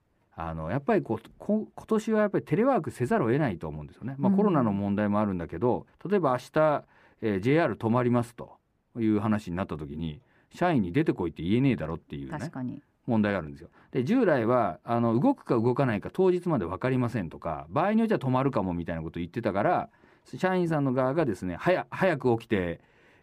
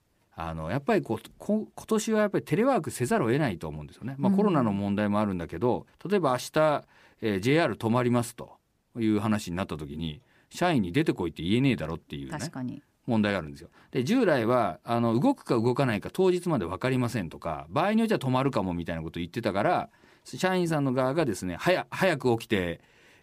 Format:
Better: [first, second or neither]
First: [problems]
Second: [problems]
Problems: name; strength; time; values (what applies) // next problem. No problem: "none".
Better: second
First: muffled; slightly; fading above 3 kHz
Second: none